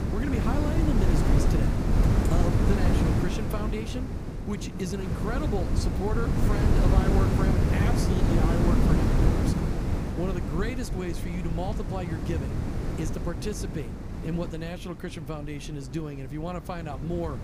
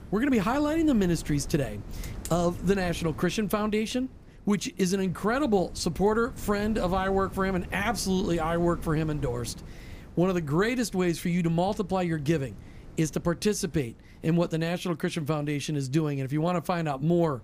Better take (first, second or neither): second